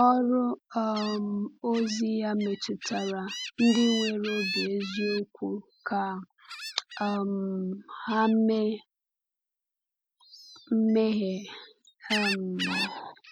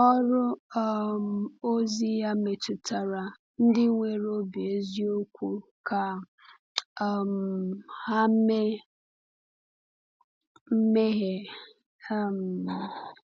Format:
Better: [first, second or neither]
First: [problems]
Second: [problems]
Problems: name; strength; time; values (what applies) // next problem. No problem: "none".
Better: second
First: background sound (Gull, seagull); 11 dB below the speech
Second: none